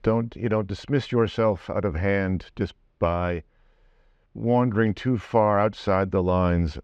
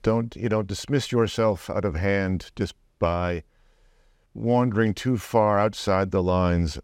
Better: second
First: muffled; slightly; fading above 3 kHz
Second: none

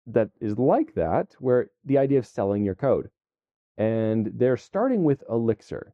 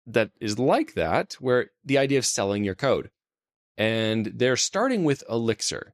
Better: second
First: muffled; very; fading above 2 kHz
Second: none

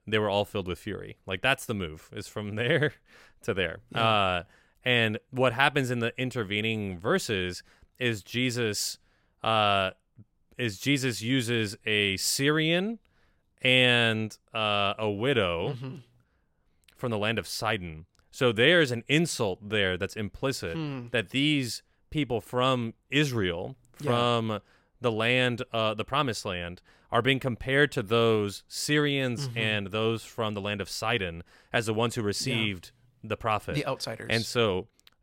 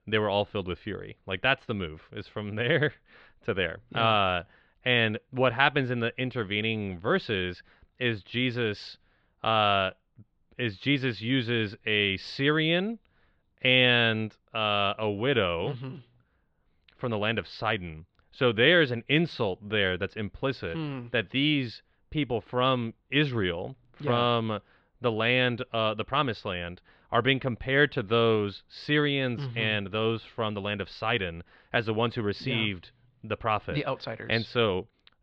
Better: first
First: none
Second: muffled; slightly; fading above 4 kHz

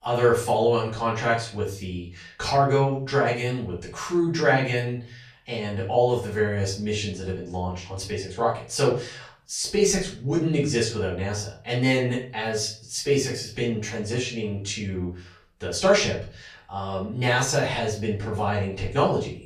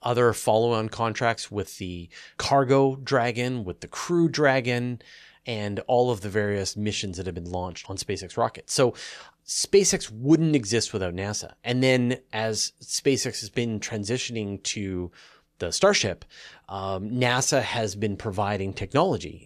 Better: second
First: off-mic speech; far // room echo; slight; dies away in 0.4 s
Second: none

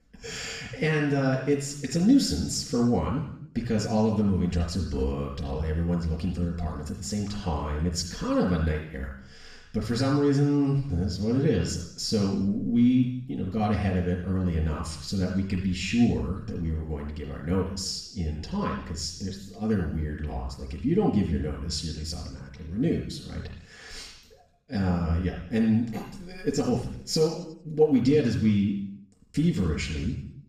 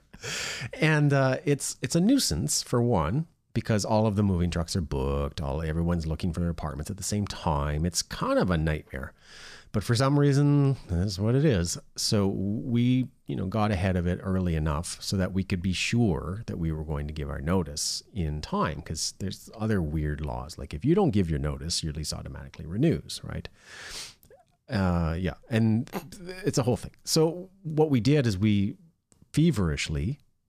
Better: second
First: room echo; noticeable; dies away in 0.7 s // off-mic speech; far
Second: none

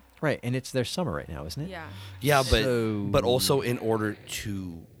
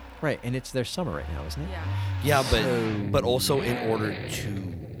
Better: first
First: traffic noise; faint; throughout; 20 dB below the speech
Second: traffic noise; loud; throughout; 6 dB below the speech

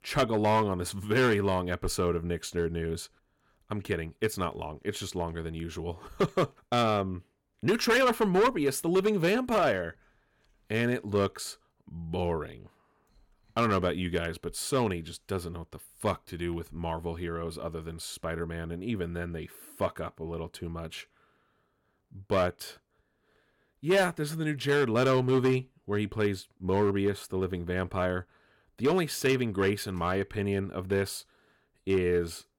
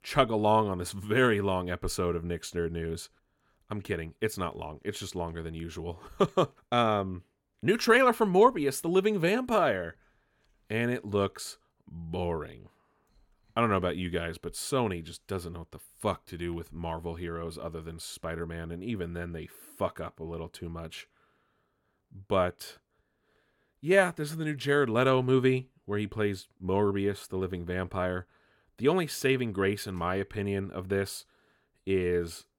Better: second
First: distortion; slight; 3% of the sound clipped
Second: none

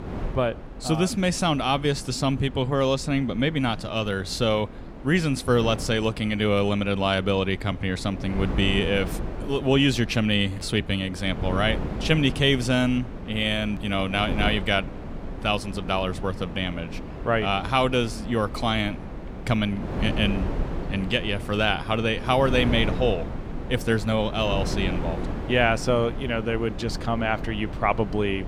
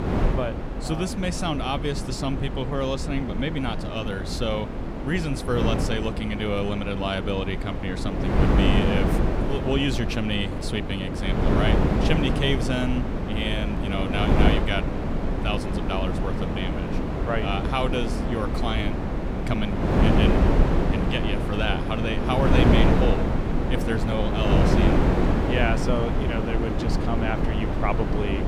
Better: first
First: wind noise on the microphone; occasional gusts; 15 dB below the speech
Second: wind noise on the microphone; heavy; as loud as the speech

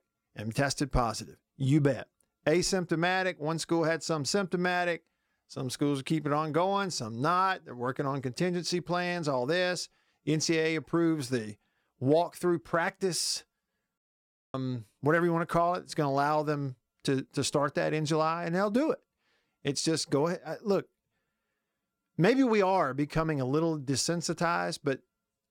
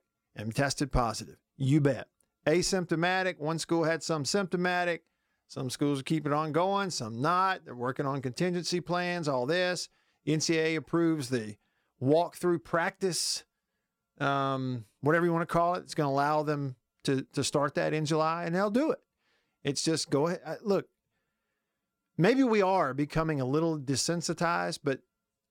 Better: second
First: audio cutting out; at 14 s for 0.5 s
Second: none

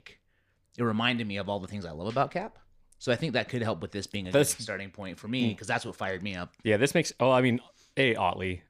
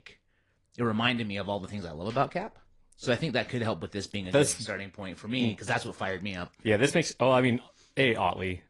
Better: first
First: none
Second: garbled, watery; slightly; nothing above 10.5 kHz

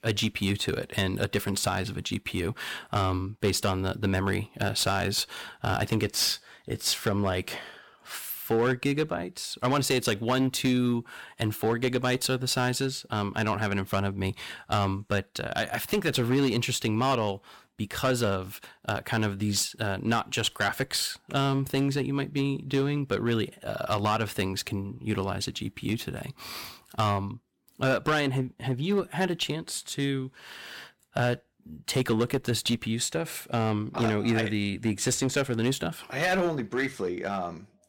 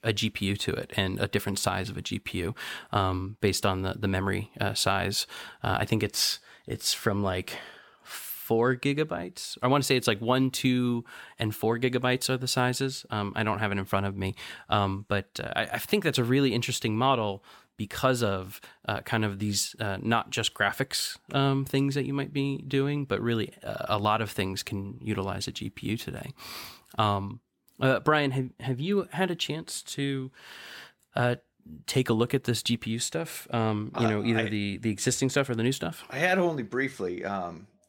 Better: second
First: distortion; slight; 5% of the sound clipped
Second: none

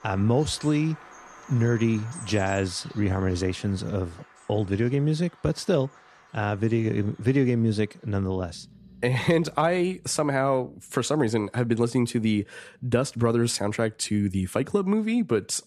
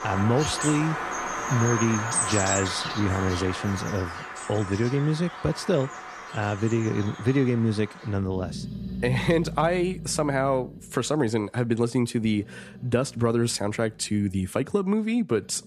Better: first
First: animal sounds; faint; throughout; 25 dB below the speech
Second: animal sounds; loud; throughout; 6 dB below the speech

